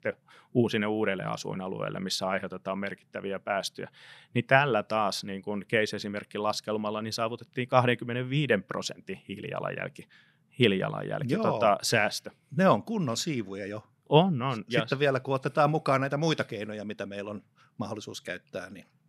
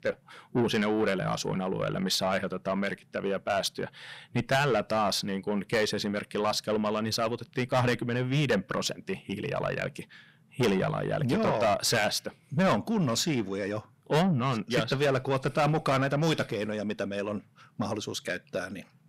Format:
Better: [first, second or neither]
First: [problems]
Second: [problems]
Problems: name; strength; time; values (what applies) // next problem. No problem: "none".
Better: first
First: none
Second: distortion; heavy; 6 dB below the speech